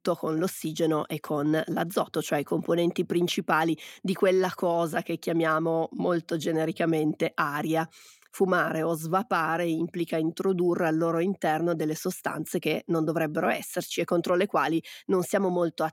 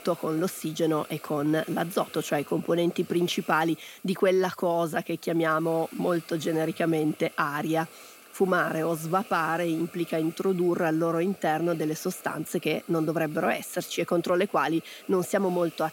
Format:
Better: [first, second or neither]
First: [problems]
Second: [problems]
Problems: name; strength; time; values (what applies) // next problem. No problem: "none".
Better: first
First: none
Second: hiss; faint; throughout; 20 dB below the speech